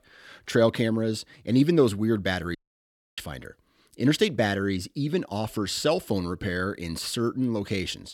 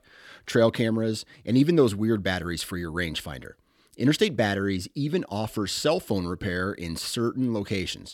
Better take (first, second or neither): second